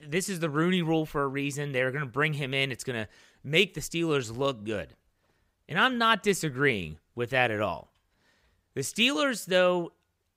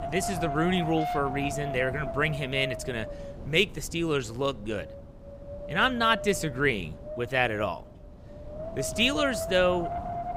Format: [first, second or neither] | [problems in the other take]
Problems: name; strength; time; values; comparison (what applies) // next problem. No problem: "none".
first | wind noise on the microphone; heavy; 8 dB below the speech